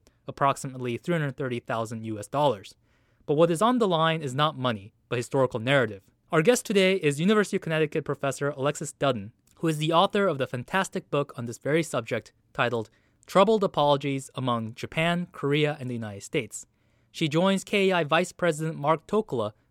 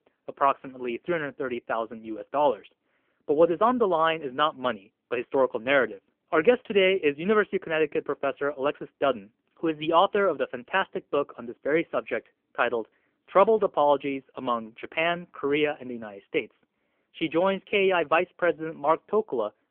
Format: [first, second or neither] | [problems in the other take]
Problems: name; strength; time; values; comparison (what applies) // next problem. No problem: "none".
first | phone-call audio; poor line; nothing above 3 kHz